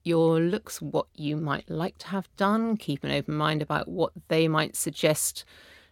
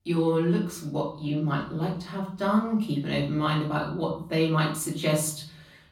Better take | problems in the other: first | off-mic speech; far // room echo; slight; dies away in 0.5 s

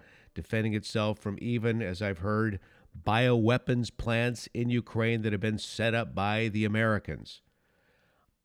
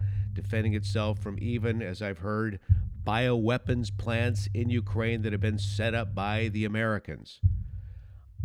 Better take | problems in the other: first | low rumble; noticeable; throughout; 15 dB below the speech

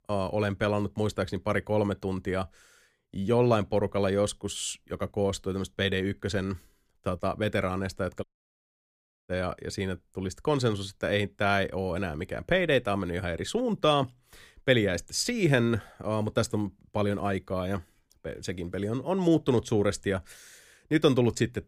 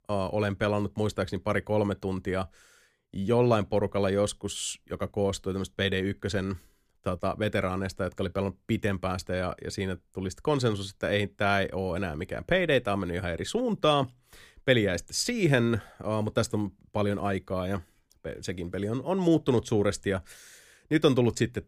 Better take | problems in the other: second | audio cutting out; at 8 s for 1 s

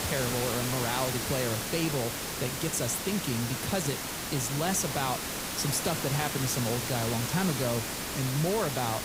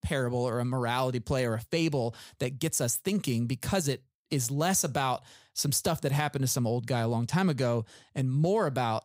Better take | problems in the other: second | hiss; loud; throughout; 1 dB below the speech

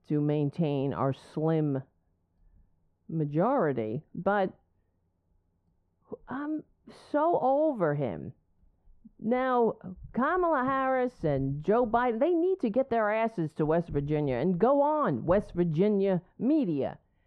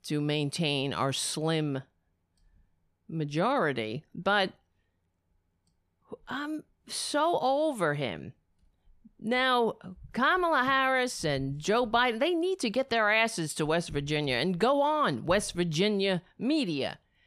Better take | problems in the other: second | muffled; very; fading above 2.5 kHz

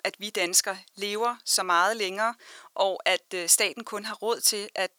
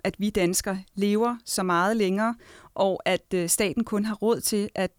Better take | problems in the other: second | thin; very; fading below 600 Hz

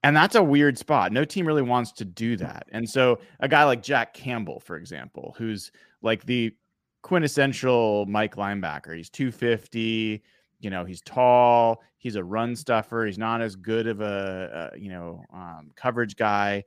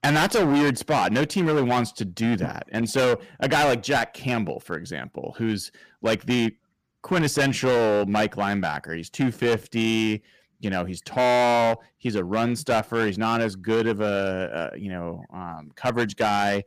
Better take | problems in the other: first | distortion; heavy; 13% of the sound clipped

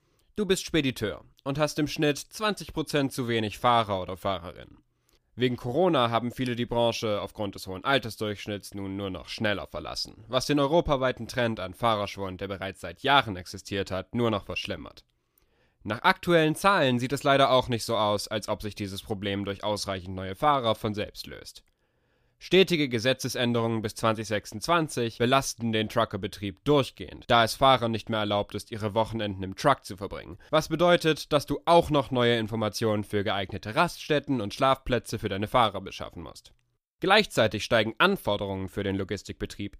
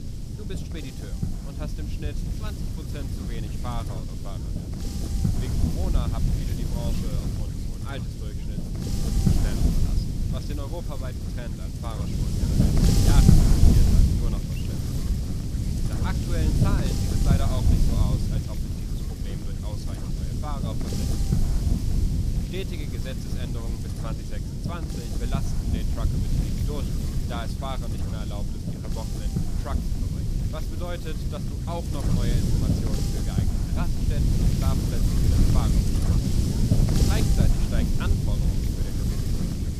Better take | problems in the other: first | wind noise on the microphone; heavy; 4 dB above the speech

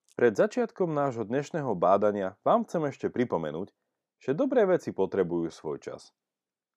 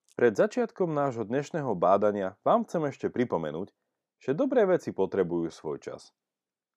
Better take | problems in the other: neither | none

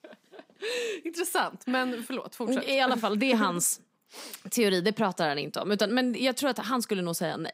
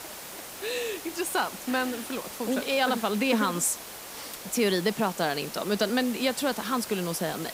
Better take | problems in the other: first | hiss; noticeable; throughout; 10 dB below the speech

